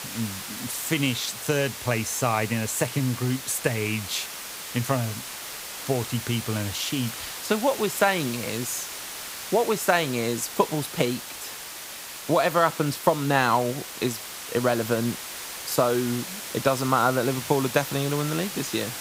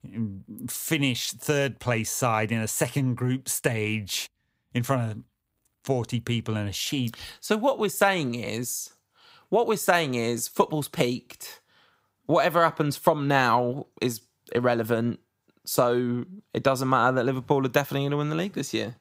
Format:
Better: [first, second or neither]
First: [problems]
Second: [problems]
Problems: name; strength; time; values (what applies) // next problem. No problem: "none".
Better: second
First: hiss; loud; throughout; 8 dB below the speech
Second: none